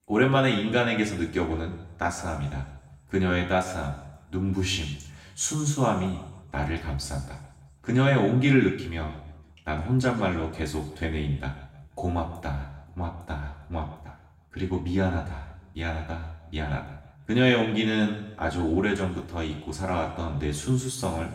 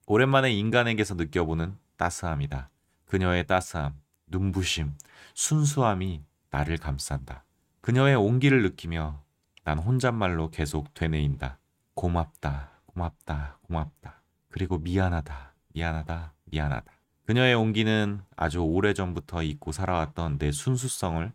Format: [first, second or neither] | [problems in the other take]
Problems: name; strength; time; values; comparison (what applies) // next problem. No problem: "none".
second | room echo; noticeable; dies away in 1 s // off-mic speech; far